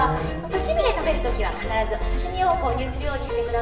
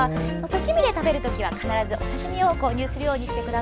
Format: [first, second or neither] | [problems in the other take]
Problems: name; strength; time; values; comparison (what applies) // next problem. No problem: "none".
second | room echo; dies away in 0.8 s